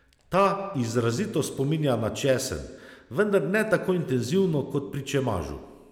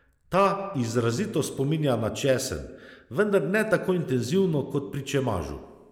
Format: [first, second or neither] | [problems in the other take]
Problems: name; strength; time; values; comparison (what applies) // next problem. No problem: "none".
first | noise reduction (neural mask model Resemble Enhance denoiser)